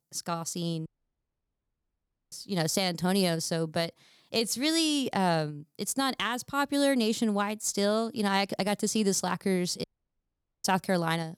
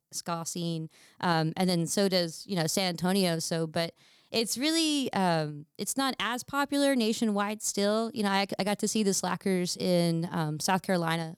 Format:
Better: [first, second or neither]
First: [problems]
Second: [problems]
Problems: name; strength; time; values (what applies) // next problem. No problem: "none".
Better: second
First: audio cutting out; at 1 s for 1.5 s and at 10 s for 1 s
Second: none